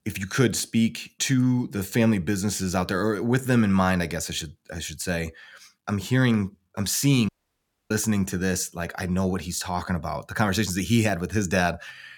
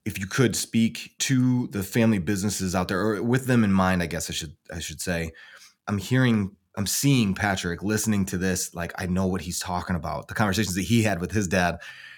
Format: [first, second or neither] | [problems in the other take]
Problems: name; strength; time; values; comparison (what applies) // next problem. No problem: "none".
second | audio cutting out; at 7.5 s for 0.5 s